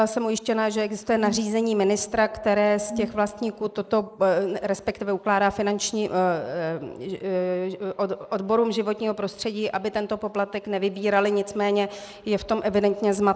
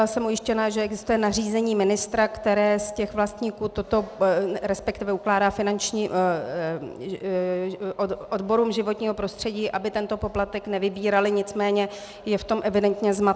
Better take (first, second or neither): second